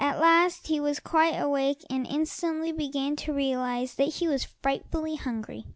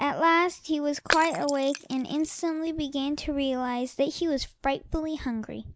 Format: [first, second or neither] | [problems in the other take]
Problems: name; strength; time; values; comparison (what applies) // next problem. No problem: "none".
first | noise reduction (neural mask model Resemble Enhance denoiser)